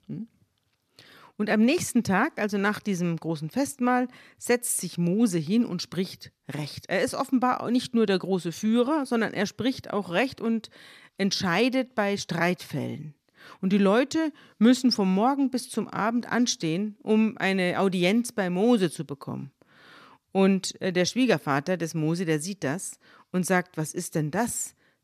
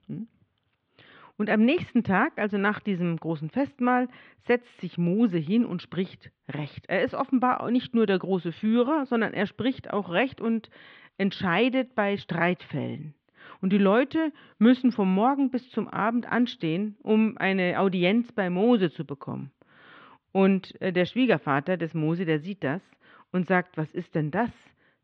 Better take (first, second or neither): first